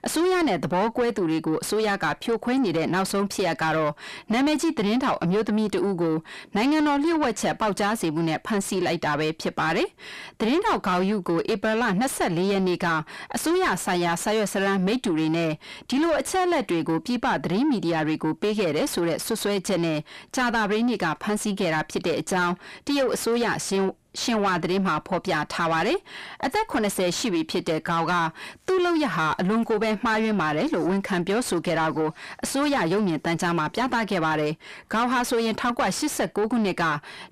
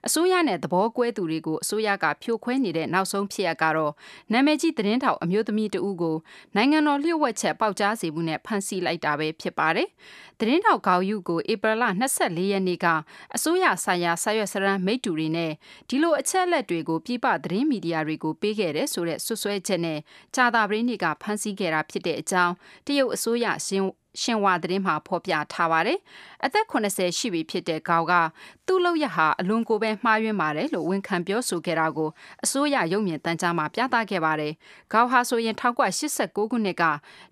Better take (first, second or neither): second